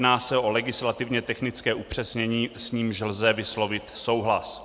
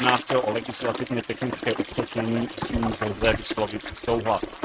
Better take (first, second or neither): first